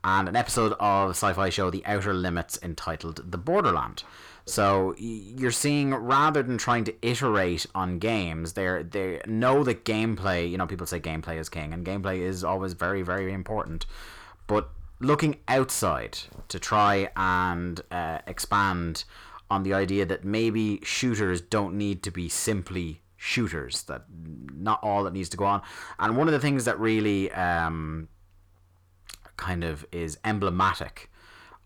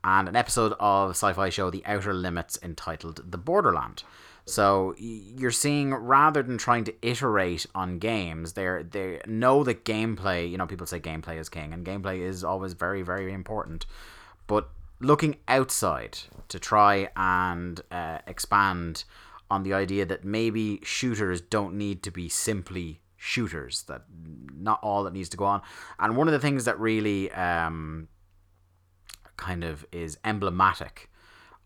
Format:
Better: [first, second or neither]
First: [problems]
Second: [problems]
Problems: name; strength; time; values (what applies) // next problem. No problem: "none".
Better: second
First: distortion; slight; 10 dB below the speech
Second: none